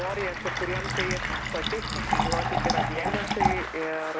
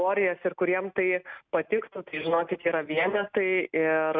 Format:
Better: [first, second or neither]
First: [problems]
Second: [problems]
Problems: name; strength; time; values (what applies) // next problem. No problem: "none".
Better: second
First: background sound (Applause + Fill (with liquid)); 4 dB above the speech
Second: none